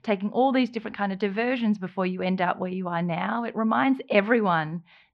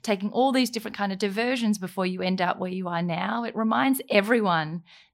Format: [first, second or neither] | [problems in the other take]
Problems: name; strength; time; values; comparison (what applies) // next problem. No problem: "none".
second | muffled; slightly; fading above 3 kHz